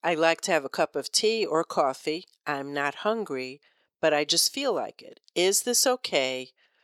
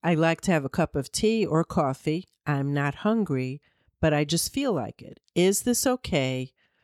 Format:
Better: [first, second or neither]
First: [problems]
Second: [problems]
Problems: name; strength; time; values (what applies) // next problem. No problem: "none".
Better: second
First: thin; somewhat; fading below 500 Hz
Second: none